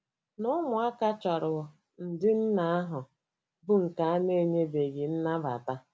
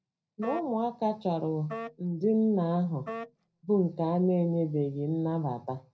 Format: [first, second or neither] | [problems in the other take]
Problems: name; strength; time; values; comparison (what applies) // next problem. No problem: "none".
first | background sound (Wind instrument, woodwind instrument); 13 dB below the speech // room echo; dies away in 0.4 s